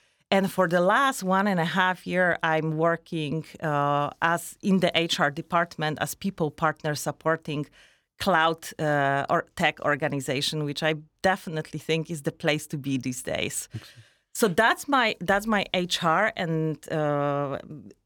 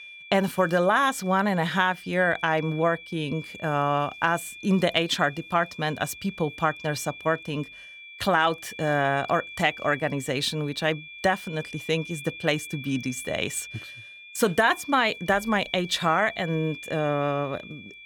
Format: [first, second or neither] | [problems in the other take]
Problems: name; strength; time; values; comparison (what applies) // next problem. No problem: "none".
first | high-pitched whine; noticeable; throughout; 2.5 kHz, 15 dB below the speech